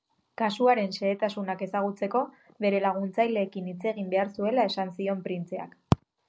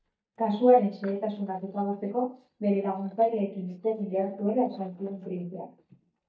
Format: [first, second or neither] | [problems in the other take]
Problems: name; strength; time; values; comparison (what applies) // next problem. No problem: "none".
first | noise reduction (neural mask model DeepFilterNet 3)